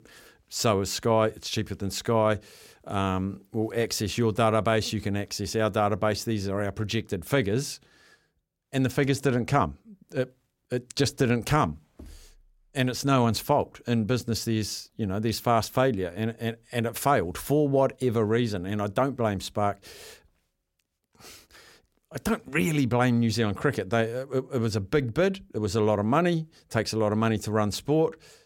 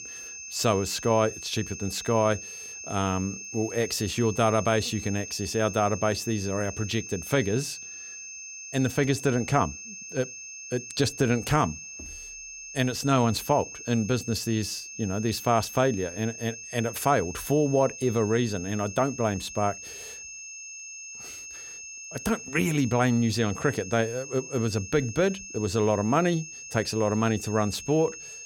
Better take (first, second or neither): first